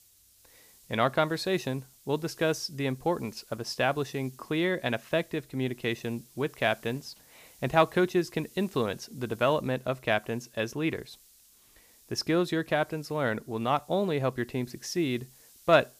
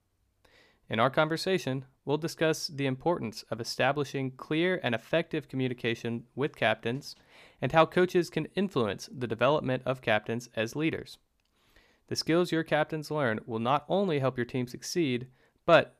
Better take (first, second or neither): second